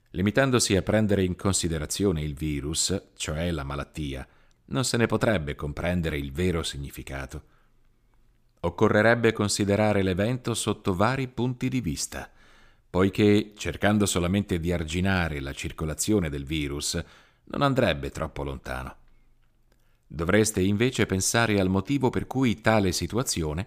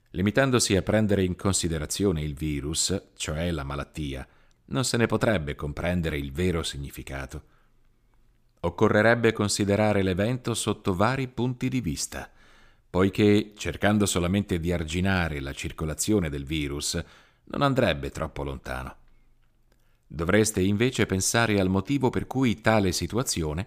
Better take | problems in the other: neither | none

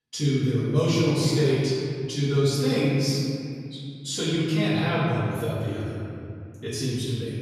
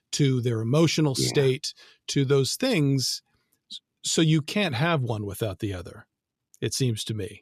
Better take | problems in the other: second | off-mic speech; far // room echo; strong; dies away in 2.3 s

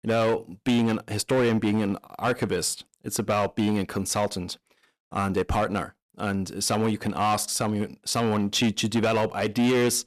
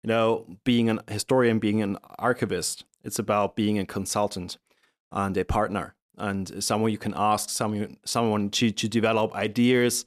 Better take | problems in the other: second | distortion; slight; 9% of the sound clipped

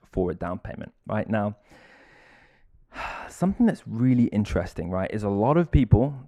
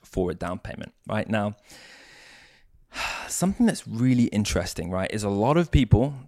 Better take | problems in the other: second | muffled; very; fading above 2.5 kHz

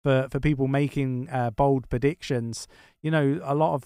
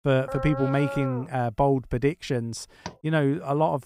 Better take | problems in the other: first | dog barking; noticeable; at 0.5 s; peak 6 dB below the speech // door banging; faint; at 3 s; peak 15 dB below the speech

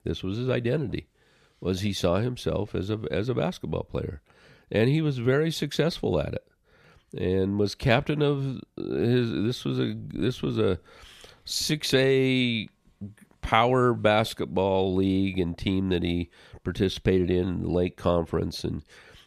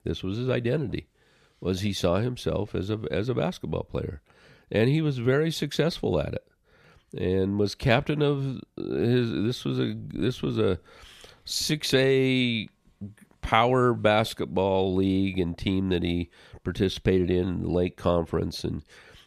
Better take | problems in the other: neither | none

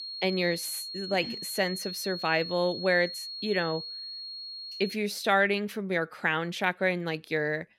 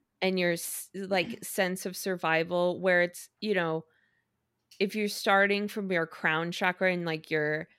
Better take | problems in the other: second | high-pitched whine; loud; until 5 s; 4.5 kHz, 8 dB below the speech

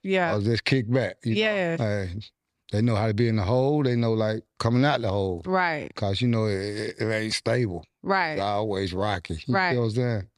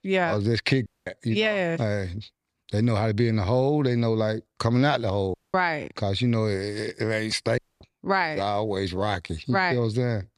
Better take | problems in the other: first | audio cutting out; at 1 s, at 5.5 s and at 7.5 s

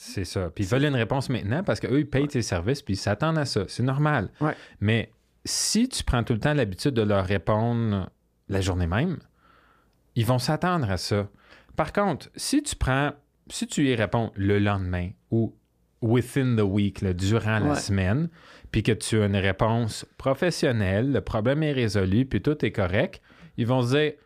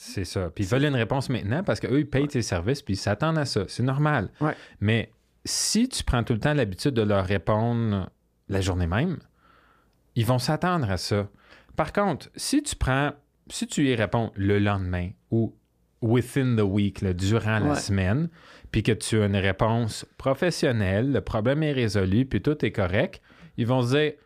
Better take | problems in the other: neither | none

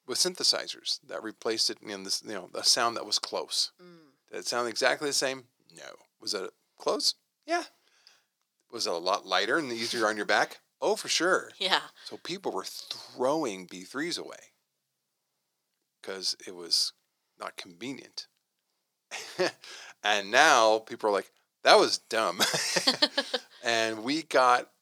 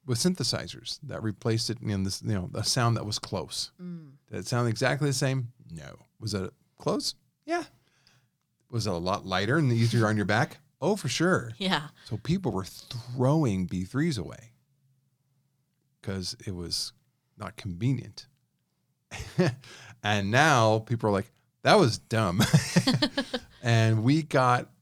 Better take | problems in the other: second | thin; very; fading below 400 Hz

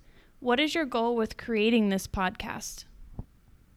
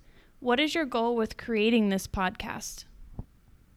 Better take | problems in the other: neither | none

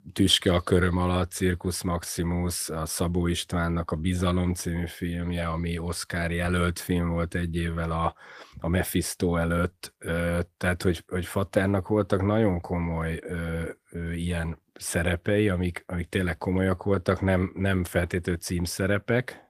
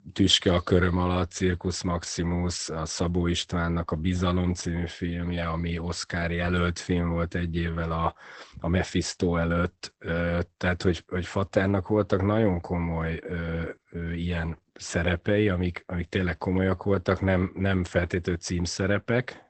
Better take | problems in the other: first | garbled, watery; badly; nothing above 8 kHz; slightly in the first

